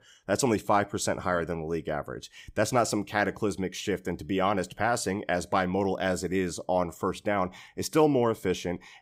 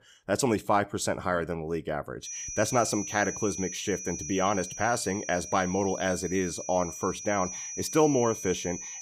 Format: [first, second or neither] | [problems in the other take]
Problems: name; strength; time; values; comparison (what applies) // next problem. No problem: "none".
first | high-pitched whine; loud; from 2.5 s on; 6 kHz, 8 dB below the speech